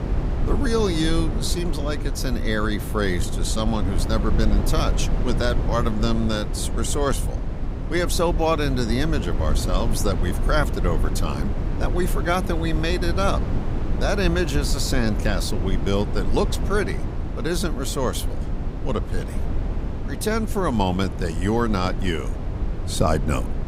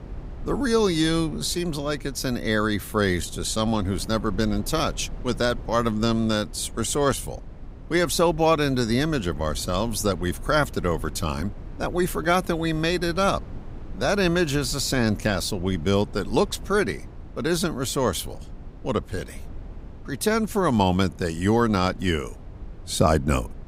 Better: second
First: low rumble; loud; throughout; 10 dB below the speech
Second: low rumble; faint; throughout; 25 dB below the speech

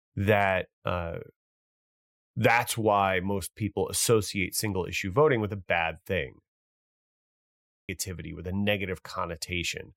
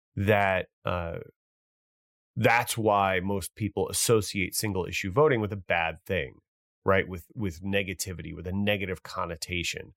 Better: second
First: audio cutting out; at 7 s for 1 s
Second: none

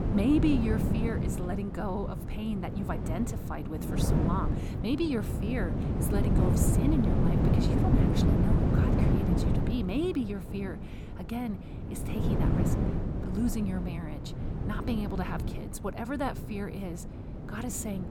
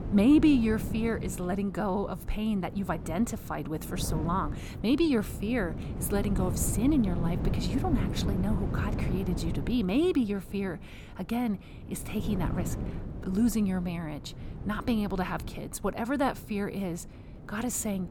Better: second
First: wind noise on the microphone; heavy; 1 dB below the speech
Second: wind noise on the microphone; occasional gusts; 10 dB below the speech

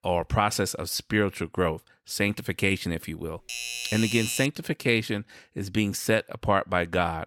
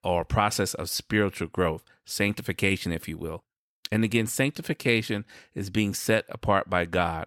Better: second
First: doorbell; noticeable; at 3.5 s; peak 3 dB below the speech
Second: none

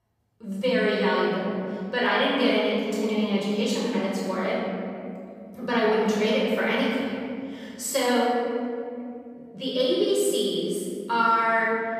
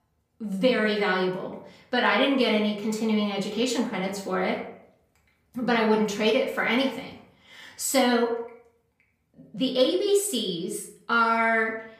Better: second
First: room echo; strong; dies away in 2.6 s // off-mic speech; far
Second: room echo; slight; dies away in 0.5 s // off-mic speech; far

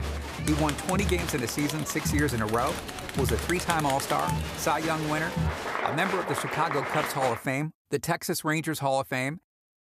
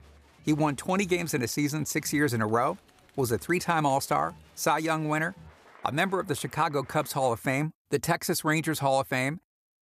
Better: second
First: crowd noise; loud; until 7.5 s; 3 dB below the speech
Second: crowd noise; faint; until 7.5 s; 25 dB below the speech

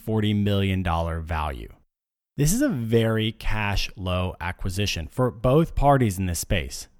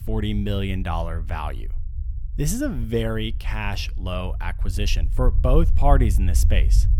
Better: first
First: none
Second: low rumble; noticeable; throughout; 15 dB below the speech

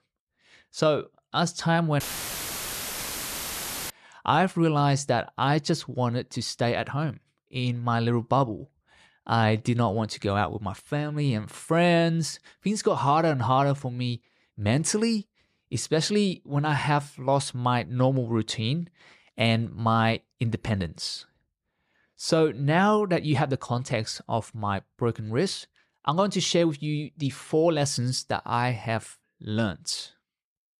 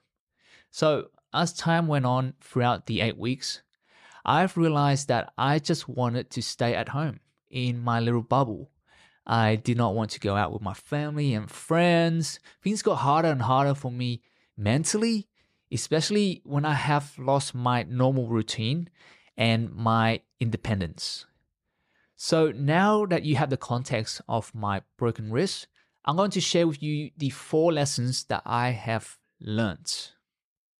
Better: second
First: audio cutting out; filled with static; at 2 s for 2 s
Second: none

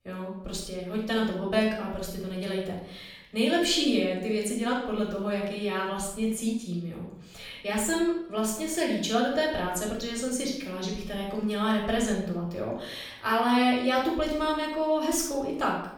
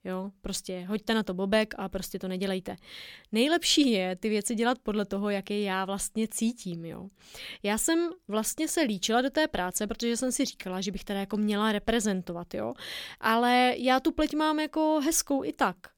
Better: second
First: off-mic speech; far // room echo; noticeable; dies away in 0.6 s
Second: none

